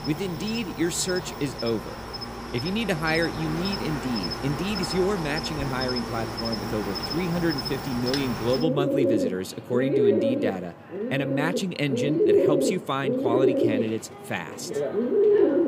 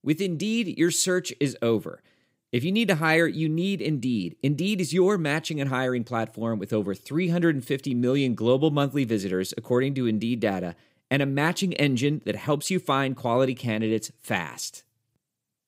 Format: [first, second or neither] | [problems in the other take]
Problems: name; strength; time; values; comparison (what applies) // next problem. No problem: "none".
second | animal sounds; very loud; throughout; 1 dB above the speech